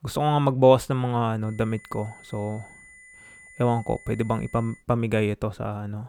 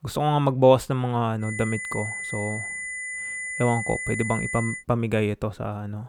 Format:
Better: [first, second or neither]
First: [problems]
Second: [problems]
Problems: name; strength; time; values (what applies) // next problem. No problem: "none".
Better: first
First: high-pitched whine; faint; from 1.5 to 5 s; 2 kHz, 20 dB below the speech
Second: high-pitched whine; loud; from 1.5 to 5 s; 2 kHz, 5 dB below the speech